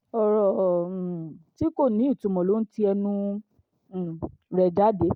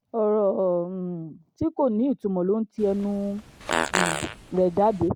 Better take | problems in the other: first | background sound (Fart); 5 dB below the speech

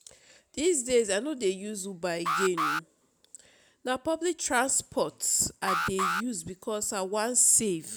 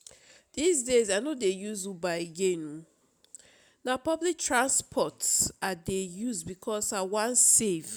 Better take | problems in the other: second | background sound (Alarm); 4 dB below the speech

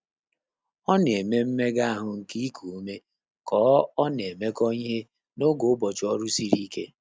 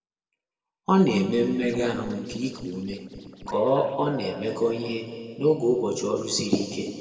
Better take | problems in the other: first | noise reduction (neural separator model SepFormer DNS4)

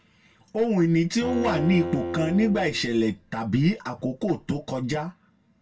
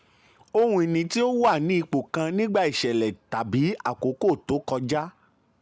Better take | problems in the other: second | background sound (Bowed string instrument); 9 dB below the speech // room echo; dies away in 0.1 s

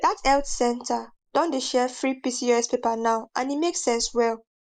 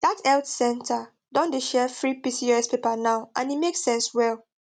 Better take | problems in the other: second | noise reduction (neural mask model Resemble Enhance denoiser)

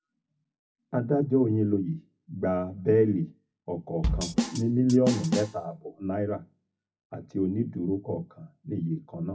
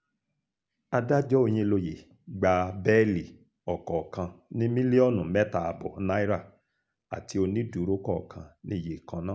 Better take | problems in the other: second | noise reduction (classical method WPE with log-MMSE)

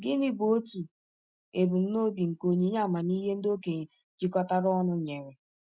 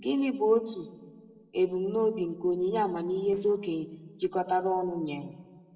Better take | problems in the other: first | noise reduction (neural separator model SepFormer DNS4)

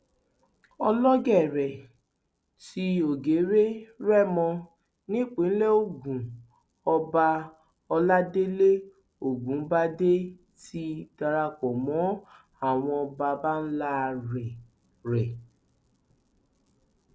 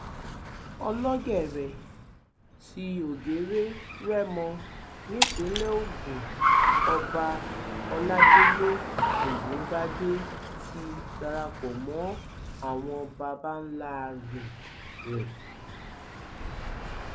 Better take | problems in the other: first | background sound (Car + Shatter); 4 dB above the speech

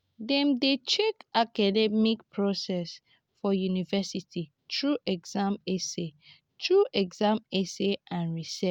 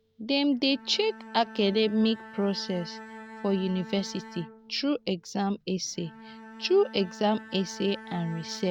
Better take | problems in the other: first | background sound (Bowed string instrument); 17 dB below the speech

